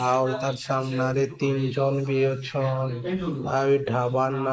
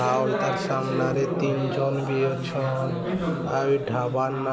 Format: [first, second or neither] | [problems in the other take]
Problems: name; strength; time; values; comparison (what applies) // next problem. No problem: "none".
second | noise reduction (neural mask model Resemble Enhance denoiser)